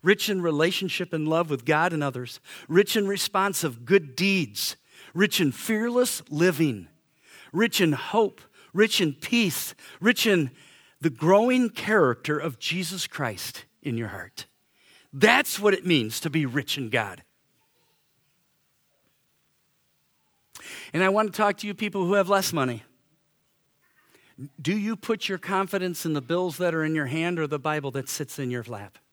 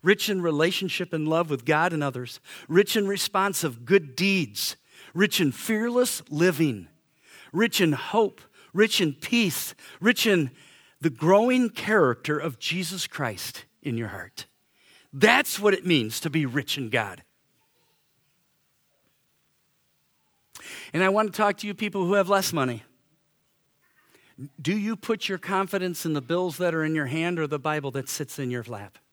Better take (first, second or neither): neither